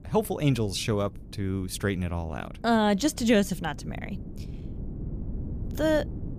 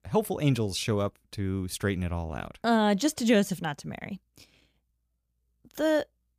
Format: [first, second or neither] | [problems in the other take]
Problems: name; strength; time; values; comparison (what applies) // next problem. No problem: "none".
second | wind noise on the microphone; occasional gusts; 20 dB below the speech